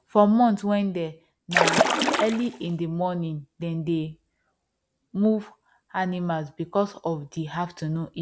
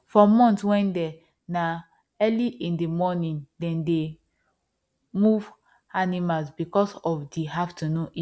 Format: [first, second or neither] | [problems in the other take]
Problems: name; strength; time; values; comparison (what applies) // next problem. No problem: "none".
second | background sound (Splash, splatter); 3 dB above the speech